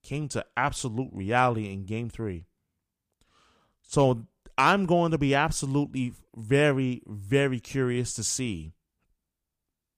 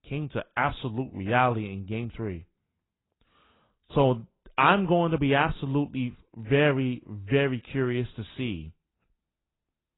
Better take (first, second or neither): first